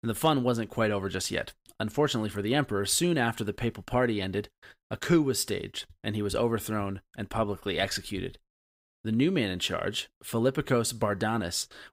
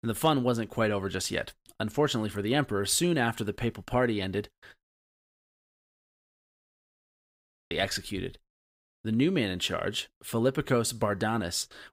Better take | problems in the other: first | audio freezing; at 5 s for 3 s

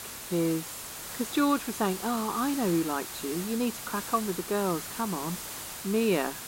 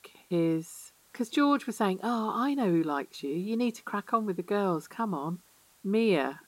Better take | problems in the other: second | hiss; loud; throughout; 7 dB below the speech; faint in the second

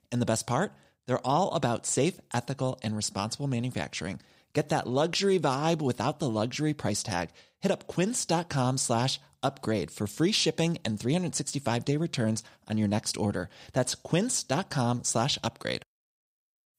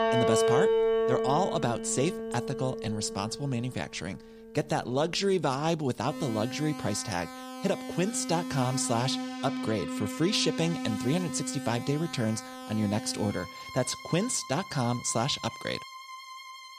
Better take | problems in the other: first | background music; loud; throughout; 4 dB below the speech

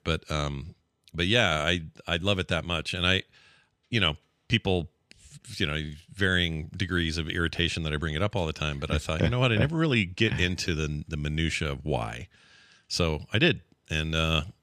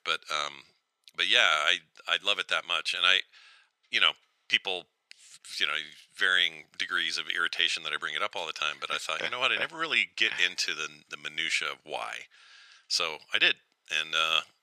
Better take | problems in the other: first | thin; very; fading below 800 Hz

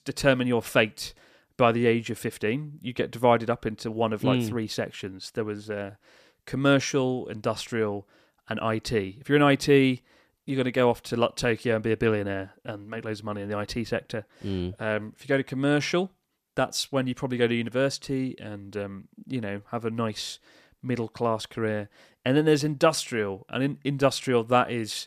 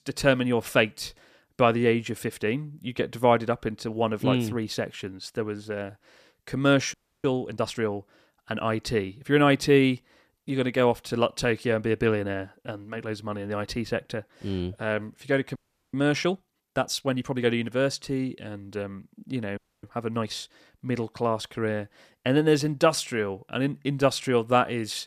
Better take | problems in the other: first | audio freezing; at 7 s, at 16 s and at 20 s

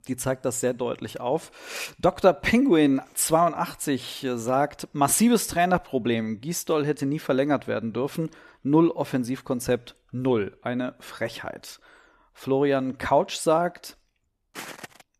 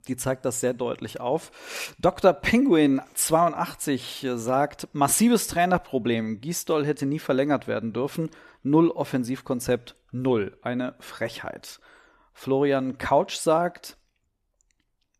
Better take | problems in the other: second | footsteps; faint; at 15 s; peak 15 dB below the speech

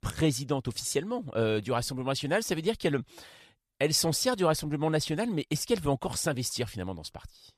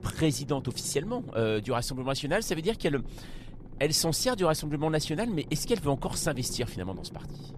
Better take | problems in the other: first | low rumble; faint; throughout; 20 dB below the speech

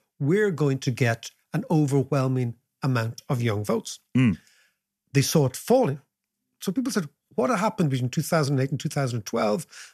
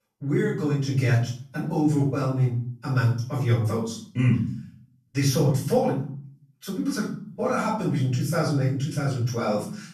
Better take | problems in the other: first | off-mic speech; far // room echo; noticeable; dies away in 0.5 s

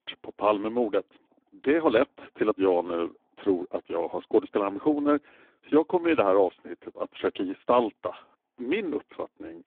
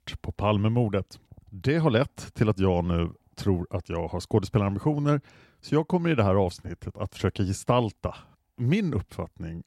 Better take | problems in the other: second | phone-call audio; poor line

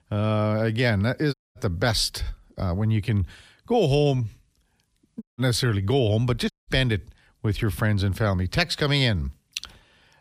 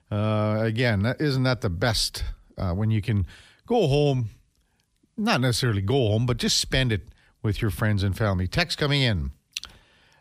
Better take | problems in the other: second | audio cutting out; at 1.5 s, at 5 s and at 6.5 s

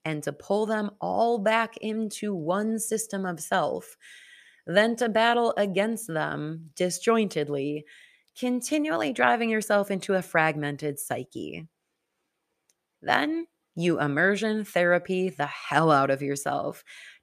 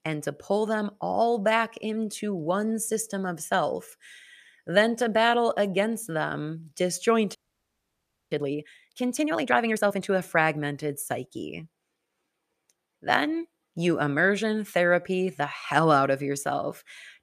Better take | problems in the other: first | audio freezing; at 7.5 s for 1 s

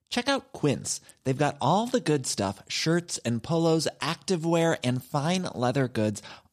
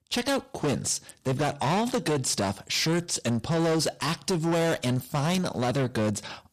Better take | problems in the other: first | distortion; heavy; 7 dB below the speech

